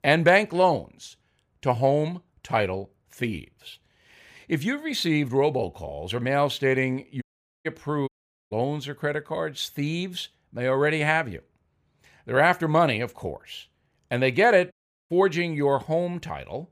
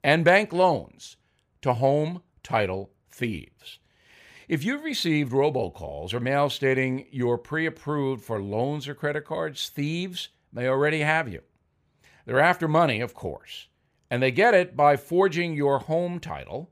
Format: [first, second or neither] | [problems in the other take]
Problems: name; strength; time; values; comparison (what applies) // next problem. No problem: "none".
second | audio cutting out; at 7 s, at 8 s and at 15 s